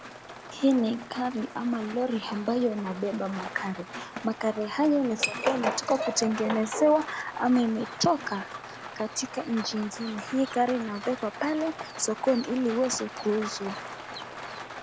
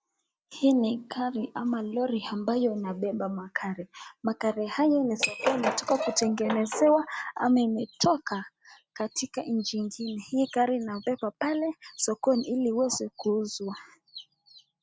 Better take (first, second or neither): second